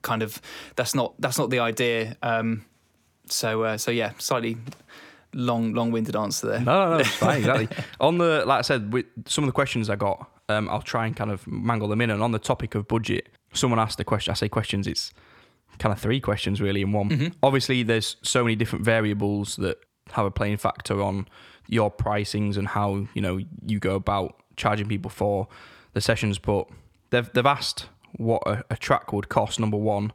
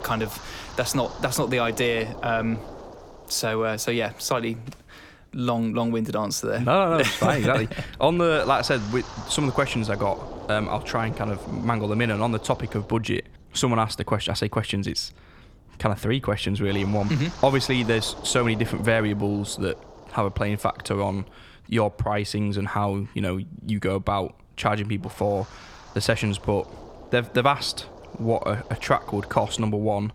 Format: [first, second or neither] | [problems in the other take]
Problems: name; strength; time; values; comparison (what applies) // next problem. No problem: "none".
first | wind noise on the microphone; occasional gusts; 15 dB below the speech